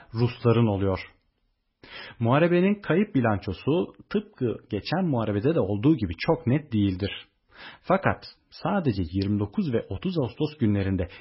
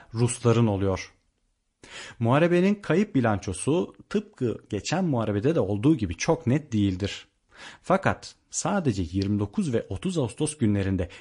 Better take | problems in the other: second | garbled, watery; badly; nothing above 5.5 kHz; slightly in the second

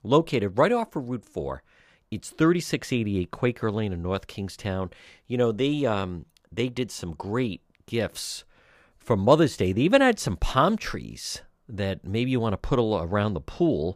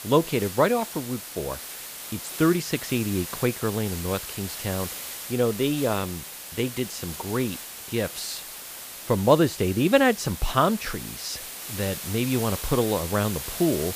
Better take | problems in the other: first | hiss; loud; throughout; 9 dB below the speech

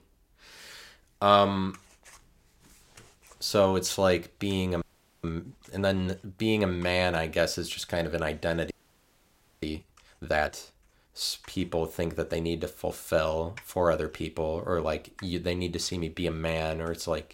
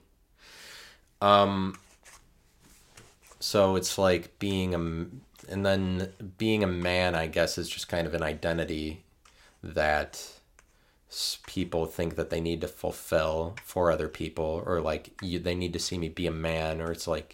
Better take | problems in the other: second | audio freezing; at 5 s and at 8.5 s for 1 s

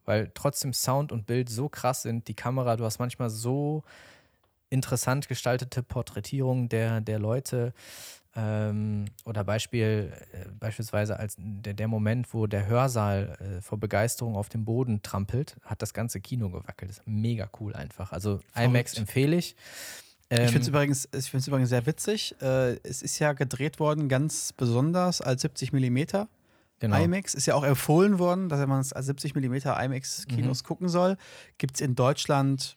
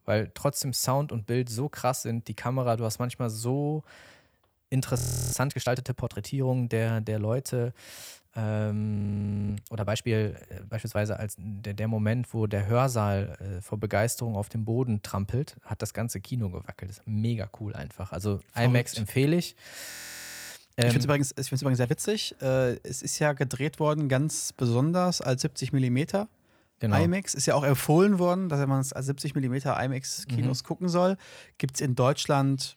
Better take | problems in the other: first | audio freezing; at 5 s, at 9 s for 0.5 s and at 20 s for 0.5 s

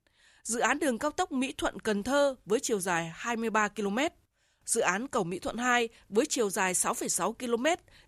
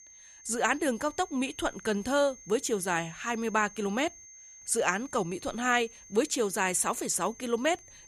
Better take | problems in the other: first | high-pitched whine; noticeable; throughout; 6.5 kHz, 20 dB below the speech

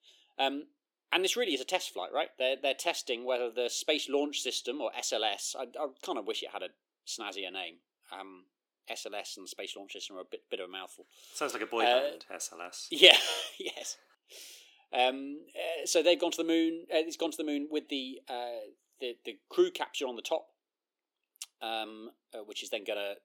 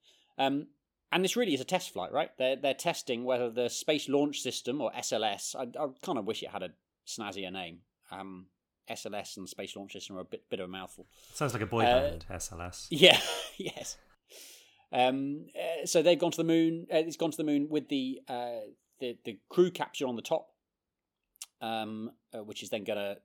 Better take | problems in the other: second | thin; very slightly; fading below 350 Hz

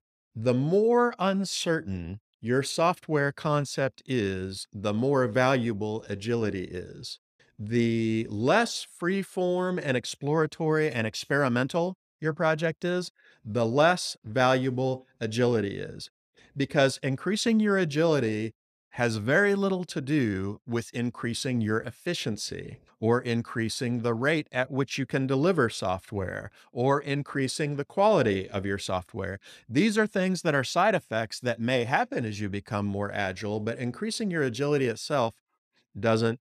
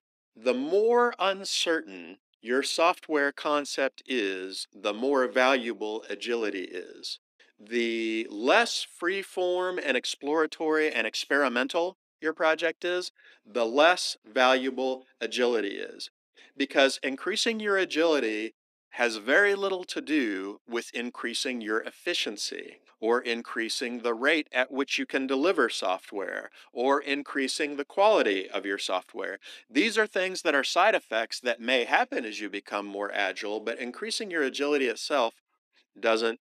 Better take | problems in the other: first | thin; somewhat; fading below 250 Hz

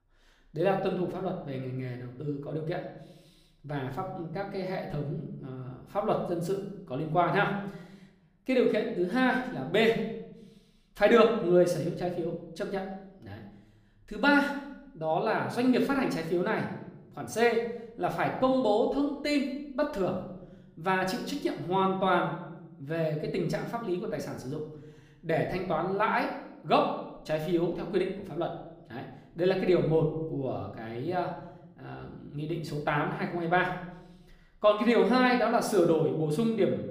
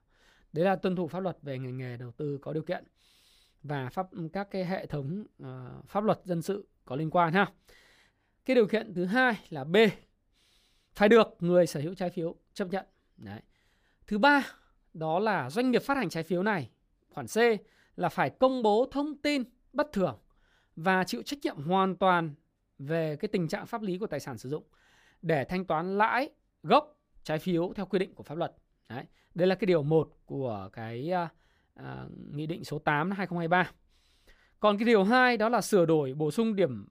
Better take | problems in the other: second | room echo; slight; dies away in 0.7 s // off-mic speech; somewhat distant

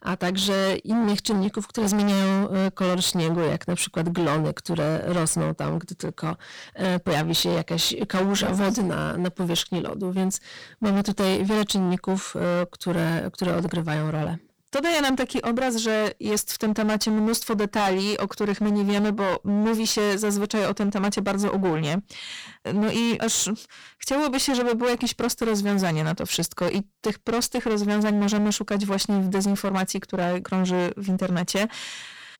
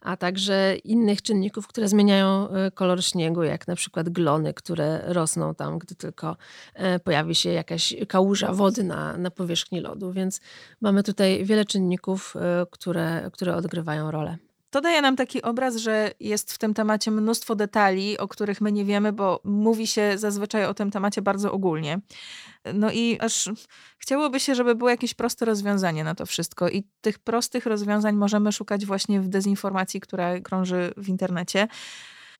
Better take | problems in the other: second | distortion; heavy; 23% of the sound clipped

